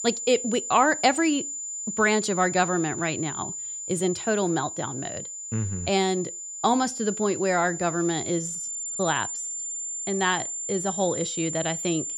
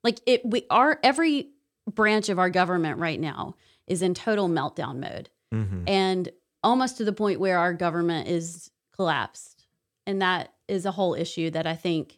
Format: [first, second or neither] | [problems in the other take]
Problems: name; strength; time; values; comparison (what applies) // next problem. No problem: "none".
second | high-pitched whine; loud; throughout; 7 kHz, 5 dB below the speech